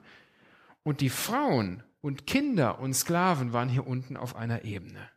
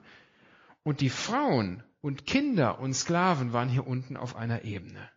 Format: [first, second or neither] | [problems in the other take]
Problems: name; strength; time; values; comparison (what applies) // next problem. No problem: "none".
first | garbled, watery; slightly